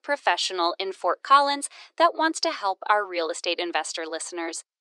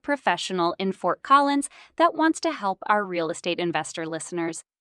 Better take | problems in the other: second | thin; somewhat; fading below 350 Hz

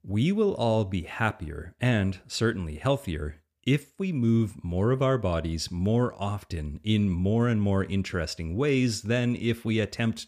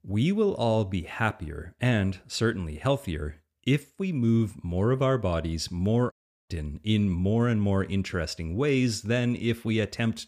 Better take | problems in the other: first | audio cutting out; at 6 s

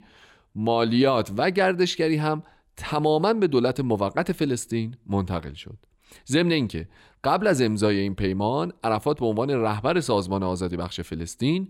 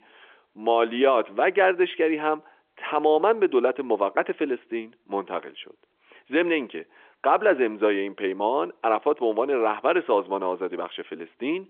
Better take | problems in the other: first | phone-call audio; nothing above 3.5 kHz

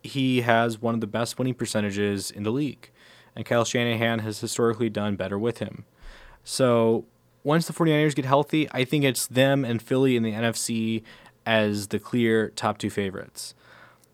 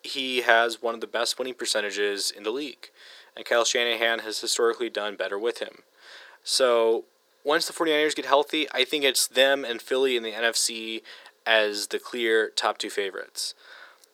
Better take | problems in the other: first | thin; very; fading below 400 Hz

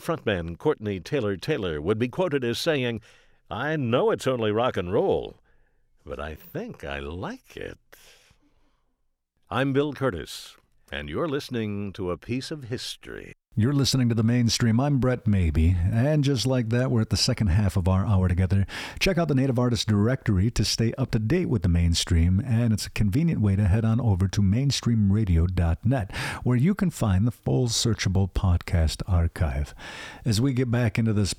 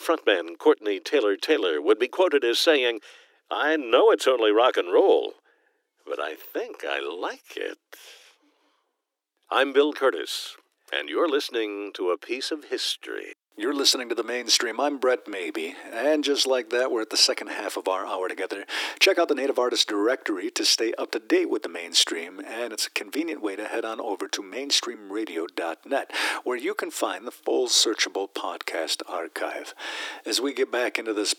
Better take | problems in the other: first | thin; very; fading below 300 Hz

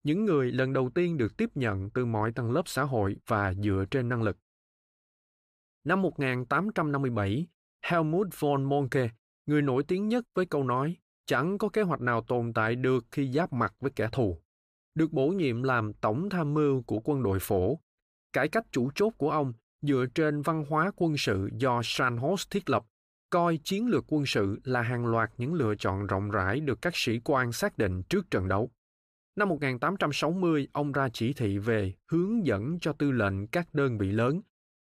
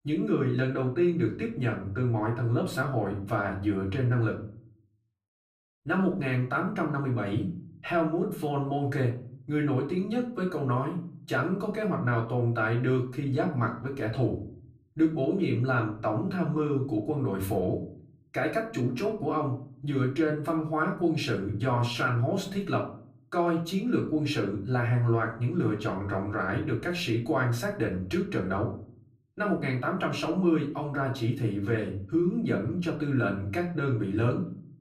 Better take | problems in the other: first | room echo; slight; dies away in 0.4 s // off-mic speech; far

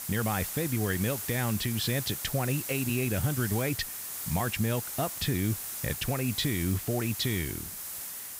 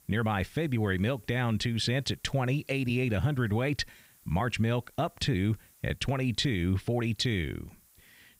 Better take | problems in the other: second | hiss; loud; throughout; 4 dB below the speech; faint in the second

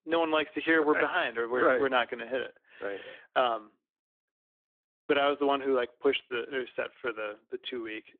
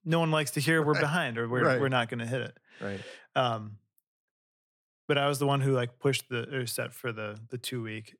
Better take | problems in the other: second | phone-call audio; nothing above 3.5 kHz

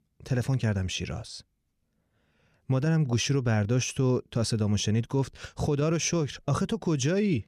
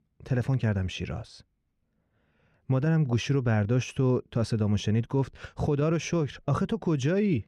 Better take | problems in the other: first | muffled; slightly; fading above 3.5 kHz

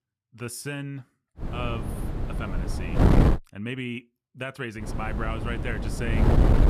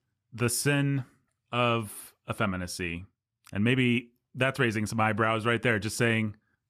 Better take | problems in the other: second | wind noise on the microphone; heavy; from 1.5 to 3.5 s and from 5 s on; 2 dB above the speech

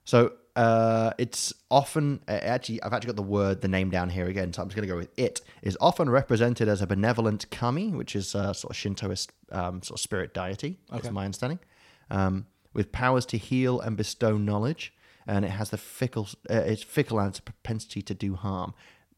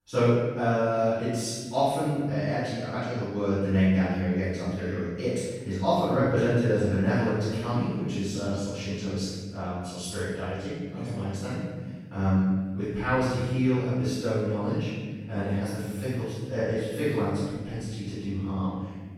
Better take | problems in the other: first | off-mic speech; far // room echo; strong; dies away in 1.5 s

